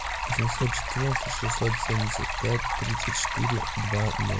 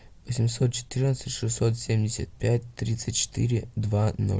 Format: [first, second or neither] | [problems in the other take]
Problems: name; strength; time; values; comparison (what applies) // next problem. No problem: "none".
second | background sound (Stream); 1 dB below the speech